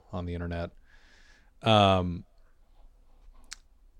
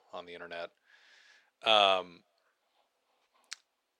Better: first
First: none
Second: thin; very; fading below 550 Hz

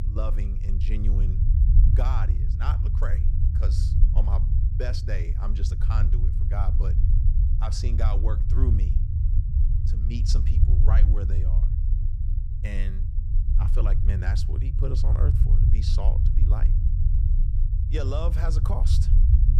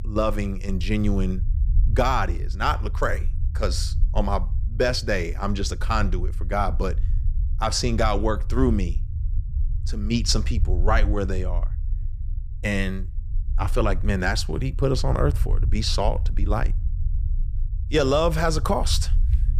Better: second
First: low rumble; loud; throughout; 3 dB below the speech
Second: low rumble; faint; throughout; 20 dB below the speech

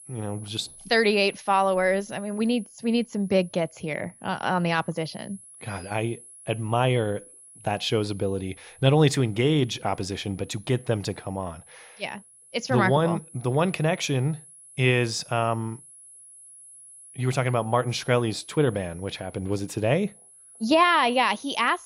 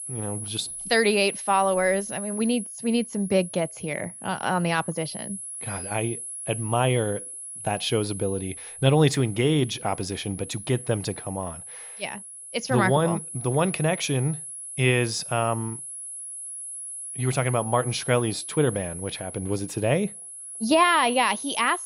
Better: first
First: high-pitched whine; faint; throughout; 10.5 kHz, 20 dB below the speech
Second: high-pitched whine; loud; throughout; 10.5 kHz, 9 dB below the speech

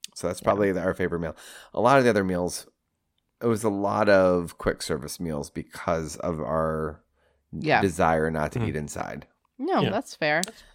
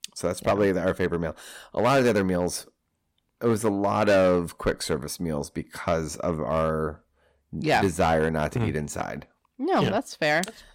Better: first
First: none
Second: distortion; slight; 4% of the sound clipped

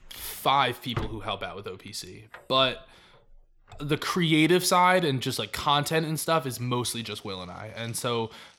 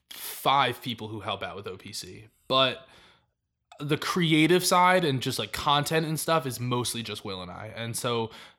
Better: second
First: household noises; noticeable; throughout; 20 dB below the speech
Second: none

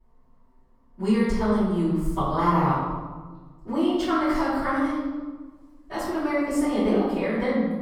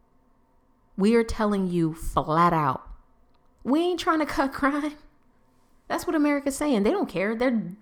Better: second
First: off-mic speech; far // room echo; strong; dies away in 1.3 s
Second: none

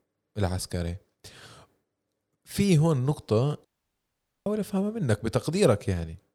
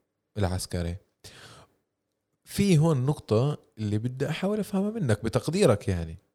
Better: second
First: audio cutting out; at 3.5 s for 1 s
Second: none

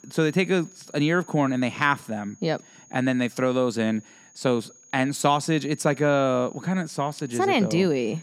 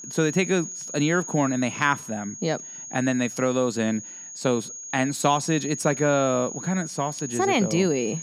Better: first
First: high-pitched whine; faint; throughout; 6.5 kHz, 25 dB below the speech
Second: high-pitched whine; loud; throughout; 6.5 kHz, 9 dB below the speech

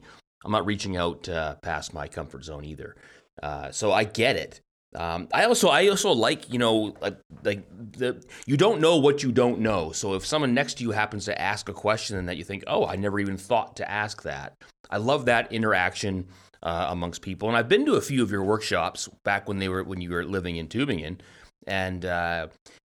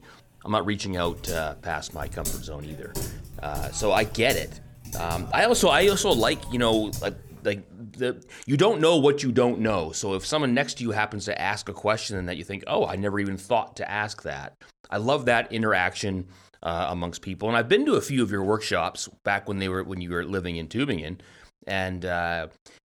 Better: first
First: none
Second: keyboard typing; noticeable; from 1 to 7.5 s; peak 7 dB below the speech

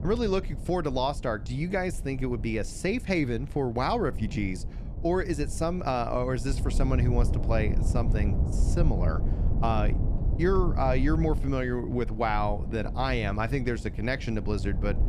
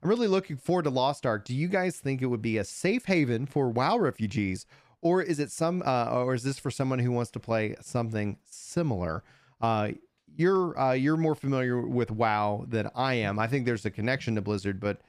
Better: second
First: low rumble; noticeable; throughout; 15 dB below the speech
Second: none

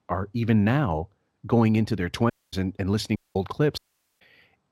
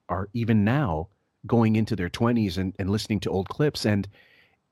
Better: second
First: audio cutting out; at 2.5 s, at 3 s and at 4 s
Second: none

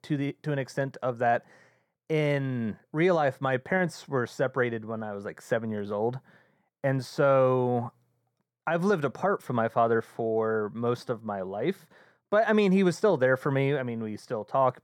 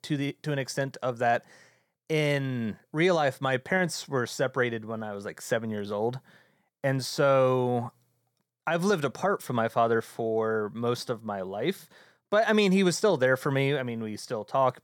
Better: second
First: muffled; slightly; fading above 2.5 kHz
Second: none

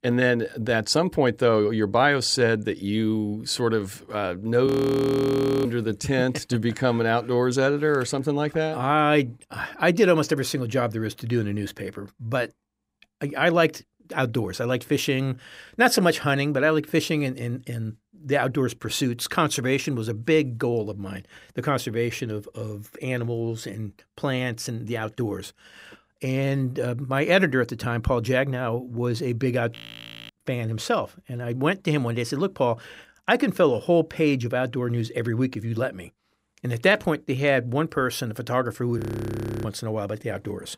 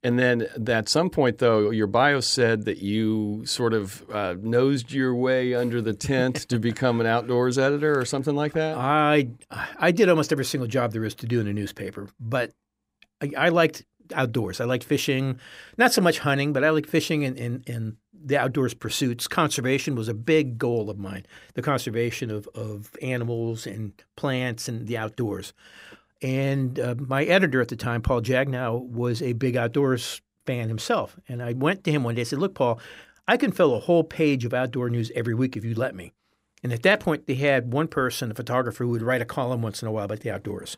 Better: second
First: audio freezing; at 4.5 s for 1 s, at 30 s for 0.5 s and at 39 s for 0.5 s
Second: none

